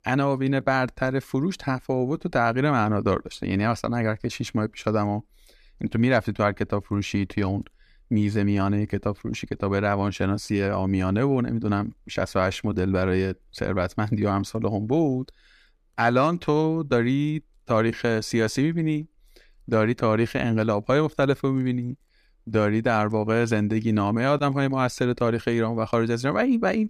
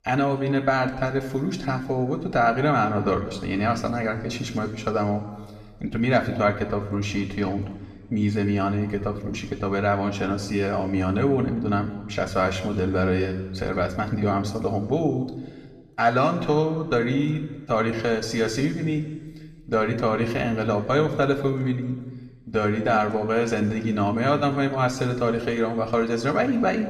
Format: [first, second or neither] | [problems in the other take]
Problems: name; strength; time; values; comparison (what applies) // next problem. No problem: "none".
first | room echo; slight; dies away in 1.2 s // off-mic speech; somewhat distant